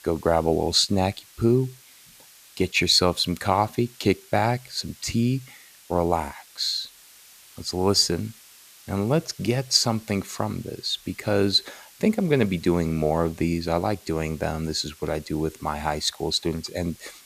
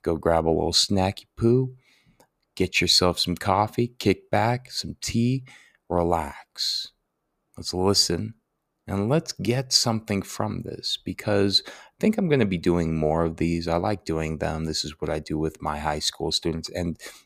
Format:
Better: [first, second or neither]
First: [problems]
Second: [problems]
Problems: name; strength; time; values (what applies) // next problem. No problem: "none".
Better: second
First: hiss; faint; throughout; 25 dB below the speech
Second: none